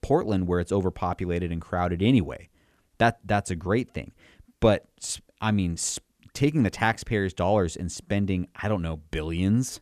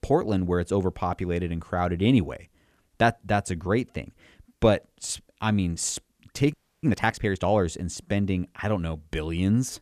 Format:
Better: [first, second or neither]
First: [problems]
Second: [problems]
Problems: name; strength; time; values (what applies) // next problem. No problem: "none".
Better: first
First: none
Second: audio freezing; at 6.5 s